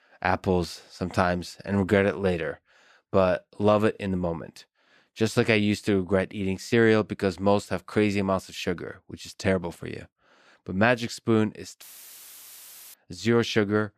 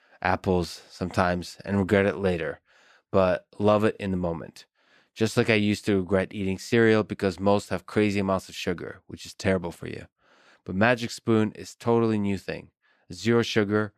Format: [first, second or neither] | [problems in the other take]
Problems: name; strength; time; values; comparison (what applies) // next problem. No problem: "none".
second | audio cutting out; filled with static; at 12 s for 1 s